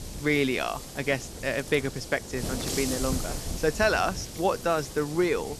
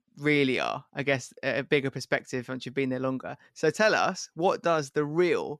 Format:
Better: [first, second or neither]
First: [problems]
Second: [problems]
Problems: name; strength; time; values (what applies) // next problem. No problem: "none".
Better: second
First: wind noise on the microphone; occasional gusts; 10 dB below the speech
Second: none